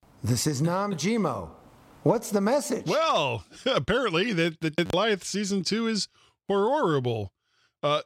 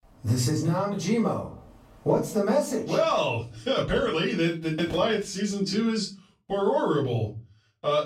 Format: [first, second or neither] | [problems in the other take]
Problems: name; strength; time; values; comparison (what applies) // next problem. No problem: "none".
first | off-mic speech; far // room echo; slight; dies away in 0.3 s